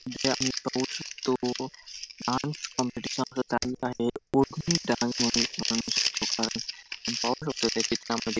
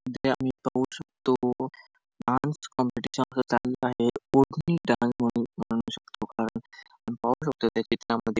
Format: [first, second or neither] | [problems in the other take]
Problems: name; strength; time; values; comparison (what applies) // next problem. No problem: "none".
second | background sound (Crumpling, crinkling); 3 dB below the speech